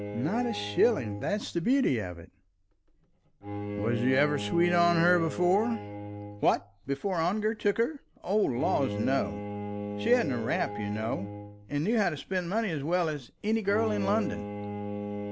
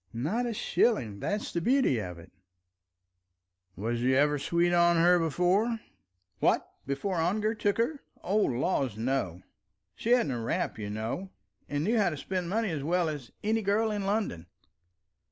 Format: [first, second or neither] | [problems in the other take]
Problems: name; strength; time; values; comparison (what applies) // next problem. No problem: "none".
second | background sound (Bowed string instrument); 8 dB below the speech